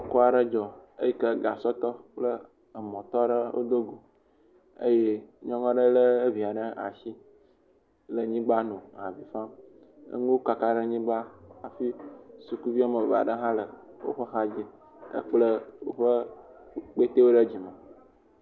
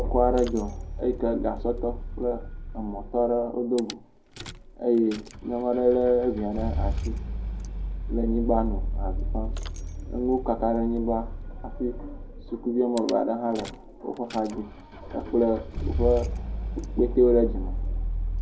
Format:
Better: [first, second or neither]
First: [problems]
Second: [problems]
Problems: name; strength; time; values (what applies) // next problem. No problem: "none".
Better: first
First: none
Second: background sound (Rattle / Engine starting / Car); 5 dB below the speech // room echo; dies away in 0.2 s